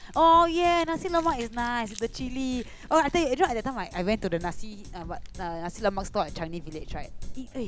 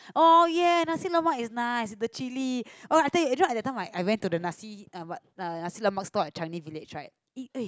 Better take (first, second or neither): second